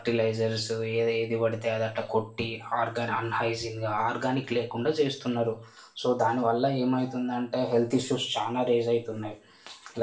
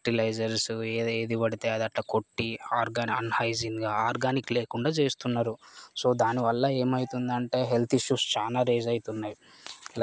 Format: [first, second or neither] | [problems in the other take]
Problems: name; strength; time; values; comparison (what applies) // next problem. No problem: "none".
second | room echo; dies away in 0.3 s